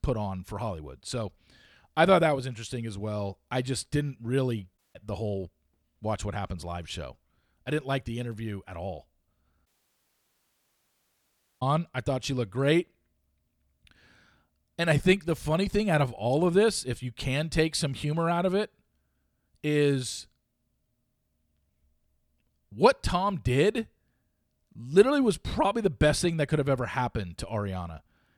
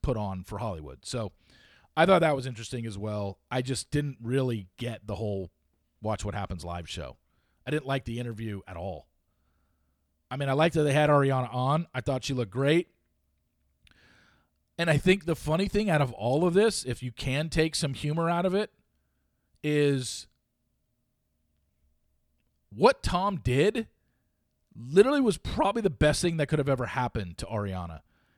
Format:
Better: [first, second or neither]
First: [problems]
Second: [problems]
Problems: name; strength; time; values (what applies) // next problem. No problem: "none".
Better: second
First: audio cutting out; at 5 s and at 9.5 s for 2 s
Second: none